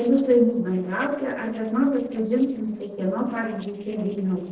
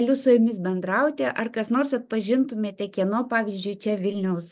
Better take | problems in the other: second | noise reduction (neural separator model SepFormer DNS4)

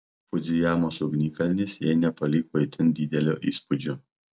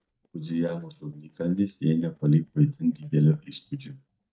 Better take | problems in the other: first | noise reduction (neural mask model DeepFilterNet 3)

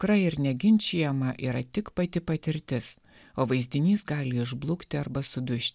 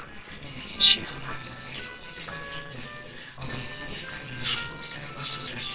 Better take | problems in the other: first | noise reduction (neural separator model SepFormer WHAMR!)

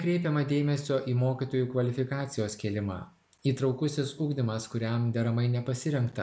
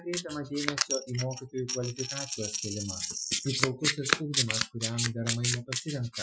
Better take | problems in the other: first | noise reduction (classical method Wiener filter)

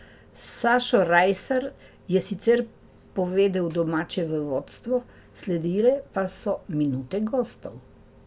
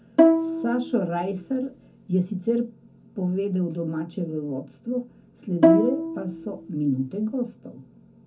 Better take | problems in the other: first | background sound (Bowed string instrument); 4 dB above the speech // room echo; dies away in 0.3 s

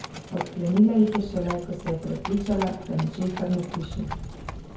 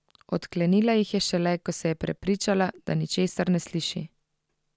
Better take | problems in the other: second | background sound (Livestock, farm animals, working animals); 10 dB below the speech // room echo; dies away in 0.6 s

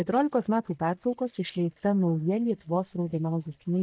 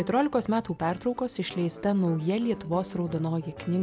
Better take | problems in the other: second | noise reduction (neural mask model DeepFilterNet 3)

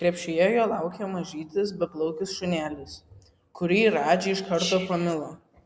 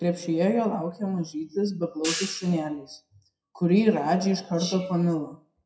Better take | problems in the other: first | noise reduction (classical method WPE with log-MMSE)

